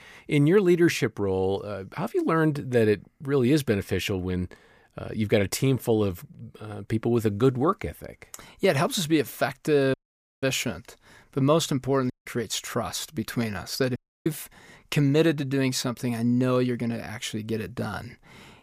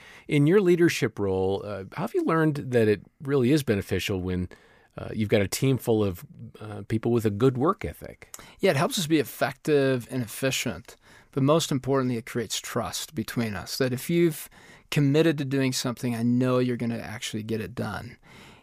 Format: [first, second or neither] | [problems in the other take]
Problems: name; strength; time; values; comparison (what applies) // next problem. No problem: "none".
second | audio cutting out; at 10 s, at 12 s and at 14 s